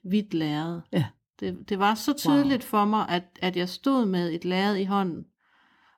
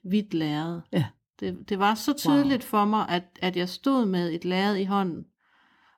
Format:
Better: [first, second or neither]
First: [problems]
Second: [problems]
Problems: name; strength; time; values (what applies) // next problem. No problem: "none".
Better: neither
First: none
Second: none